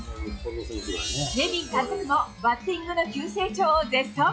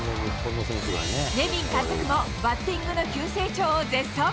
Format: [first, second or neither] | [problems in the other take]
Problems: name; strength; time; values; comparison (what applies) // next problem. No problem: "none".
second | noise reduction (classical method log-MMSE)